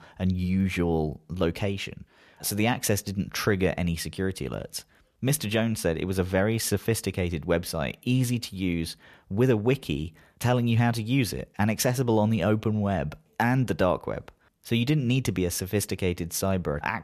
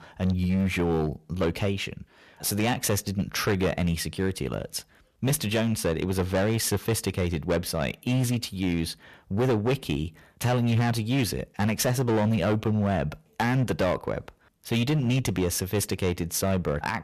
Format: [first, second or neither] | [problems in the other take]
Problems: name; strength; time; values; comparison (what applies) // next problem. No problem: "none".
first | distortion; slight; 12% of the sound clipped